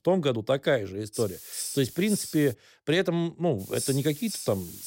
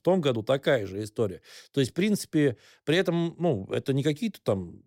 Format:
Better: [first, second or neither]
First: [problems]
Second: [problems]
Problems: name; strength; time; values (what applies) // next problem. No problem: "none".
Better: second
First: hiss; loud; from 1 to 2.5 s and from 3.5 s on; 8 dB below the speech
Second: none